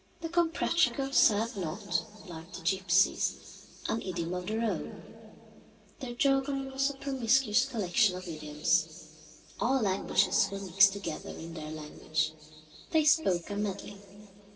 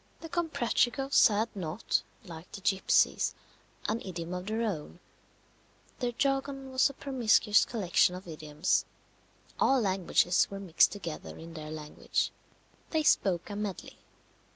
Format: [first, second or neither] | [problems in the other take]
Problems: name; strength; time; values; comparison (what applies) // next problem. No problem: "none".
second | room echo; dies away in 3 s